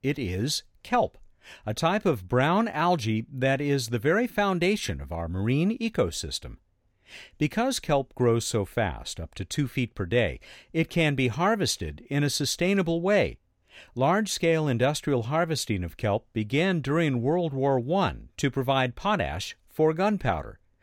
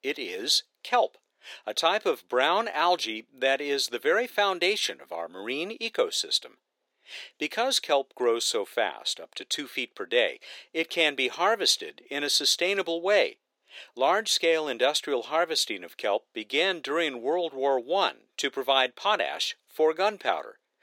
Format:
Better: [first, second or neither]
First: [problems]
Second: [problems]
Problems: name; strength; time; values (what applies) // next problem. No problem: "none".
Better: first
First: none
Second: thin; very; fading below 350 Hz